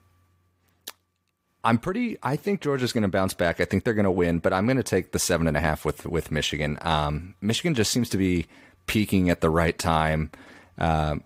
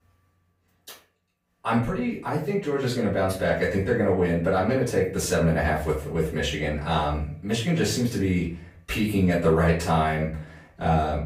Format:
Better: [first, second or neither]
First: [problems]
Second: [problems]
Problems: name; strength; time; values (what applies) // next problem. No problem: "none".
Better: first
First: none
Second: room echo; slight; dies away in 0.4 s // off-mic speech; far